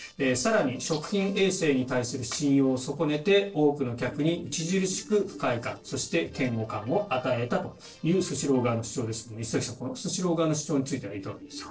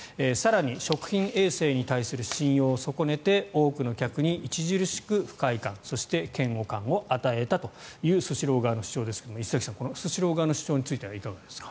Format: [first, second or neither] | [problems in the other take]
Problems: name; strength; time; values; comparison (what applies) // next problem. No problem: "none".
second | noise reduction (neural separator model SepFormer DNS4)